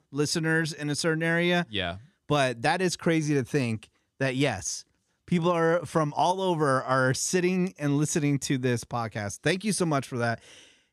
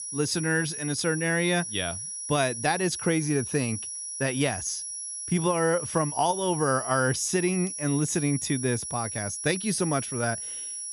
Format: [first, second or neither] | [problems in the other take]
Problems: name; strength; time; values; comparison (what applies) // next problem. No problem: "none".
first | high-pitched whine; loud; throughout; 10 kHz, 5 dB below the speech